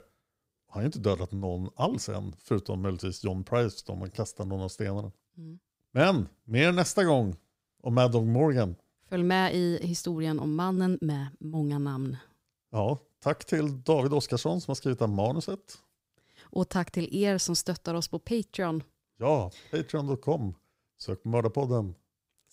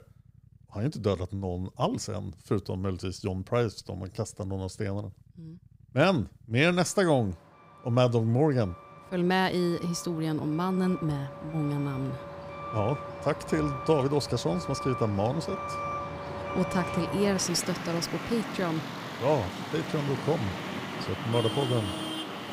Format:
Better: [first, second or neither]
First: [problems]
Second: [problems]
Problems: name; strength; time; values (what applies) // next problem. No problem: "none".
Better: first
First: none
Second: traffic noise; loud; throughout; 7 dB below the speech